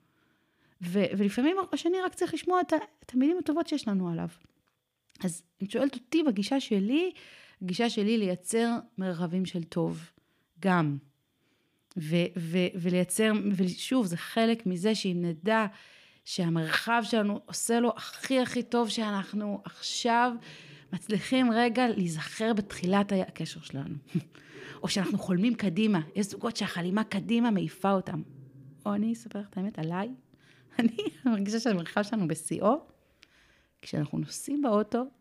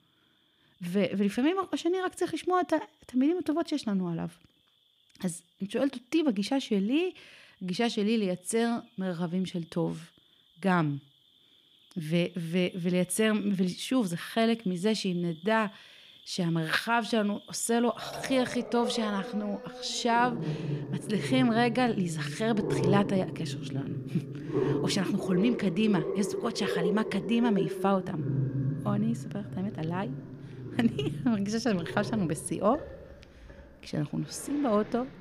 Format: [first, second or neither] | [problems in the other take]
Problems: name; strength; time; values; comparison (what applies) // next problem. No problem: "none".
first | animal sounds; loud; throughout; 6 dB below the speech; faint in the first